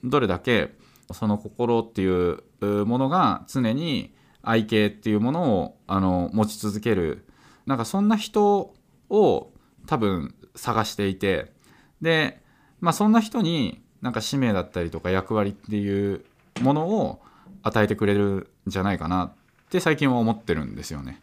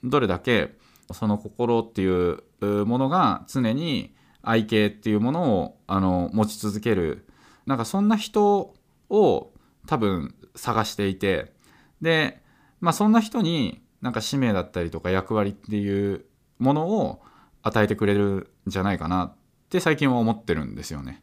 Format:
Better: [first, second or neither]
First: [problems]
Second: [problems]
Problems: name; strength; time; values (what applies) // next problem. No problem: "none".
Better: second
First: household noises; faint; throughout; 25 dB below the speech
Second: none